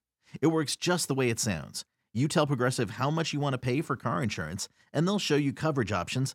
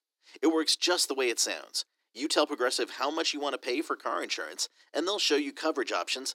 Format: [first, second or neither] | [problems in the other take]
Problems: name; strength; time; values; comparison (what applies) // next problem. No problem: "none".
first | thin; somewhat; fading below 300 Hz